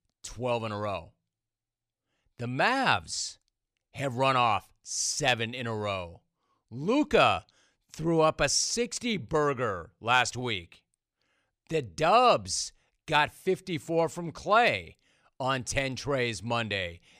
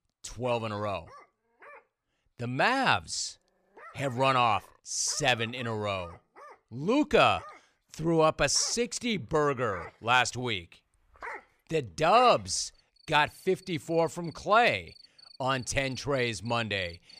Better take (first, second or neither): first